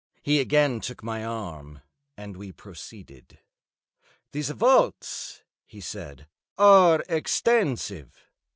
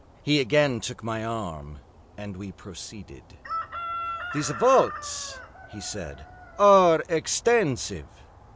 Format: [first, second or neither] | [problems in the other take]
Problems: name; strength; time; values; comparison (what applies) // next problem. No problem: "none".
first | background sound (Chicken, rooster); 14 dB below the speech